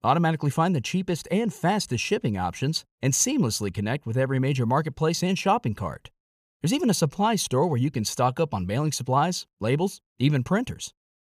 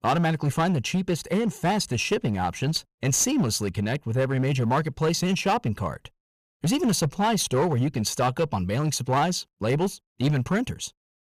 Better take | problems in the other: first | distortion; slight; 8% of the sound clipped

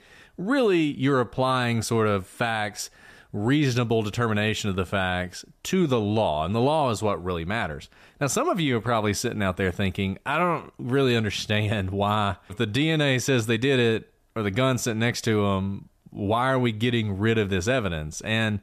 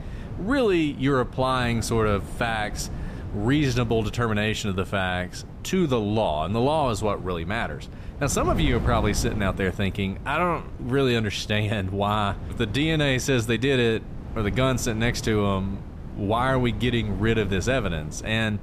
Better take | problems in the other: first | wind noise on the microphone; occasional gusts; 20 dB below the speech

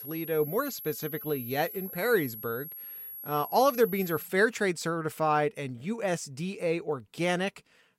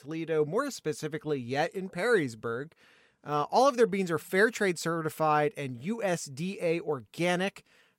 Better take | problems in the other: second | high-pitched whine; loud; until 4.5 s; 11.5 kHz, 10 dB below the speech

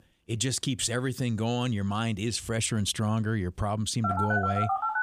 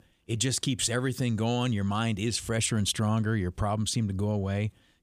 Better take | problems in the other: second | phone ringing; loud; at 4 s; peak 1 dB above the speech

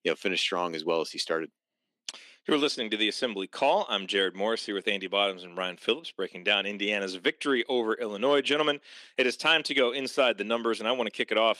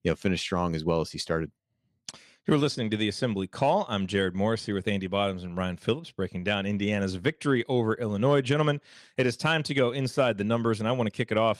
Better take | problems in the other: second | thin; somewhat; fading below 250 Hz

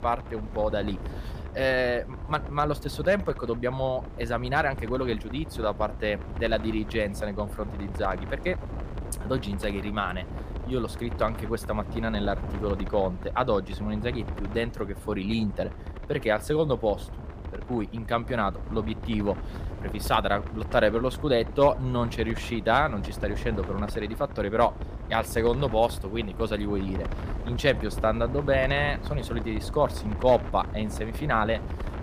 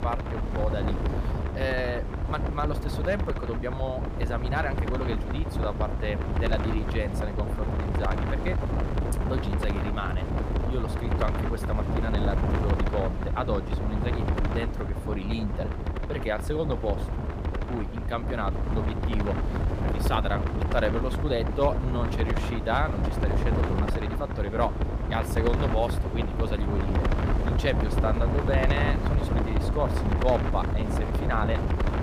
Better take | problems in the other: first | wind noise on the microphone; heavy; 3 dB below the speech; occasional gusts in the first

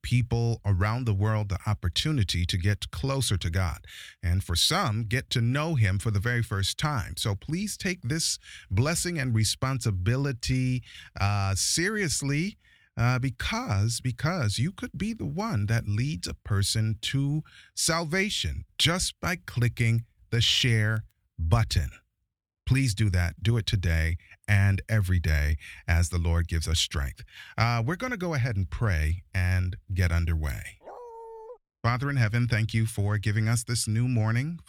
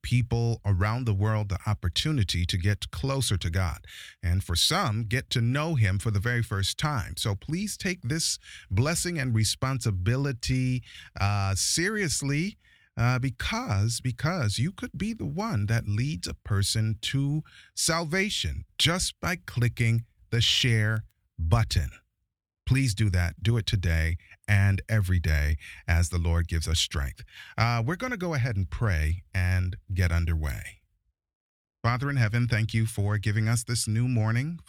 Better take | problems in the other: second | dog barking; faint; at 31 s; peak 15 dB below the speech

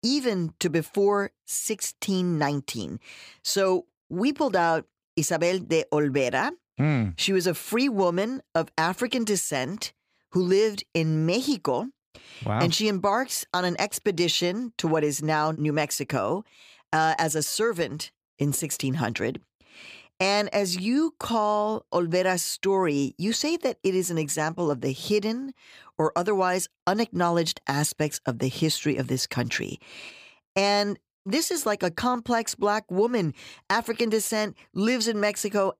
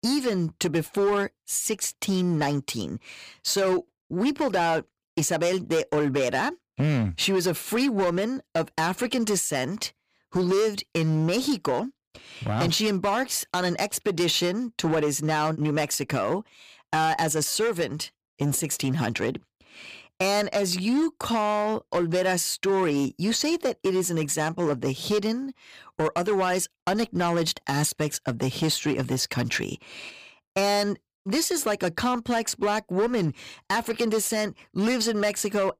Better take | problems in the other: first | distortion; slight; 10% of the sound clipped

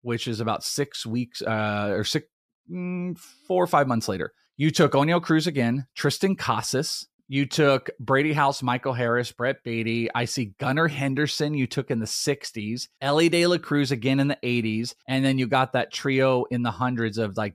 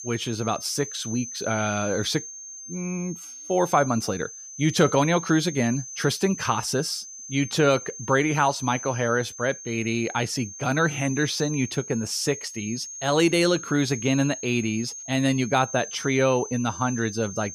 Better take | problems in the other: first | high-pitched whine; noticeable; throughout; 6 kHz, 10 dB below the speech

